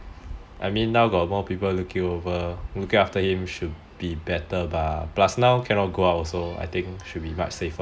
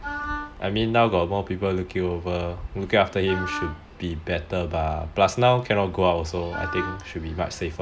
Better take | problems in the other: first | background sound (Wind instrument, woodwind instrument); 9 dB below the speech

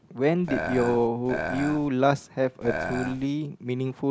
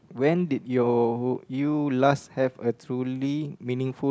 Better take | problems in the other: second | background sound (Burping, eructation); 6 dB below the speech

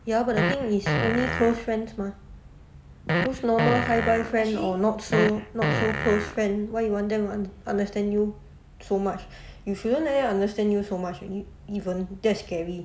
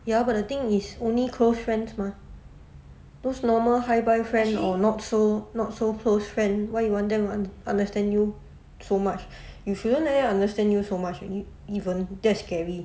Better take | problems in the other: second | background sound (Fart); 2 dB below the speech

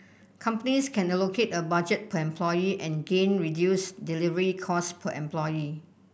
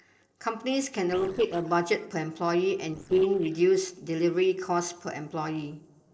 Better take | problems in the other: first | noise reduction (neural separator model SepFormer DNS4)

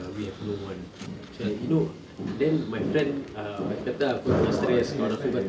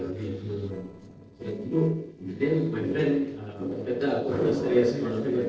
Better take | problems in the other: first | noise reduction (neural separator model SepFormer DNS4)

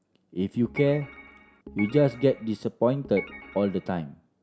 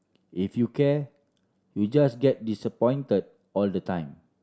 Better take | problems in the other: second | background sound (Organ); 15 dB below the speech

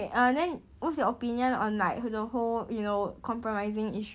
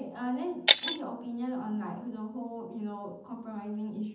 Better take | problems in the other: first | background sound (Shatter); 3 dB above the speech // room echo; dies away in 0.8 s

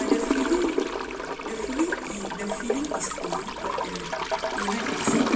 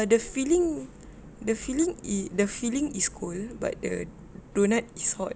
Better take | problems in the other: second | background sound (Toilet flush / Gurgling); 4 dB above the speech // room echo; dies away in 2.3 s

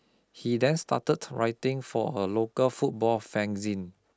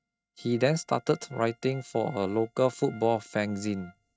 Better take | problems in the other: first | noise reduction (neural mask model RNNoise)

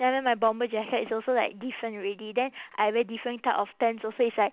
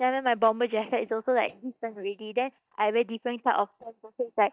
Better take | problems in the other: first | noise reduction (neural mask model DeepFilterNet 3)

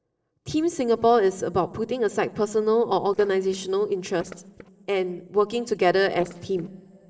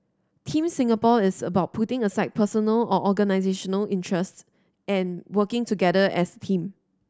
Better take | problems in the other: second | noise reduction (neural separator model SepFormer DNS4)

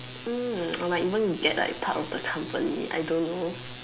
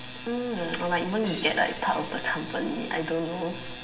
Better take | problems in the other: first | background sound (Crash cymbal); 16 dB below the speech // room echo; dies away in 2.1 s

